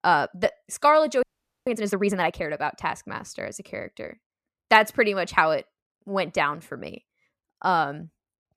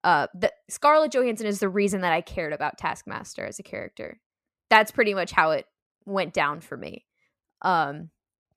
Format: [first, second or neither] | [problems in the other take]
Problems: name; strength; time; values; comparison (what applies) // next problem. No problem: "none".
second | audio freezing; at 1 s